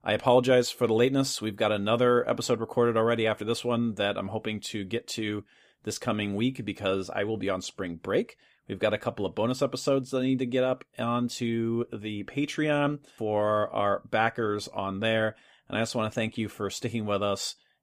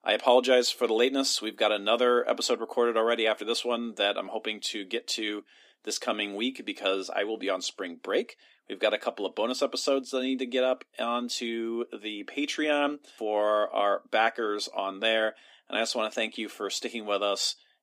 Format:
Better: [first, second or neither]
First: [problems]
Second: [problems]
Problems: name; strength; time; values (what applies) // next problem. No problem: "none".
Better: first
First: none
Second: thin; very slightly; fading below 250 Hz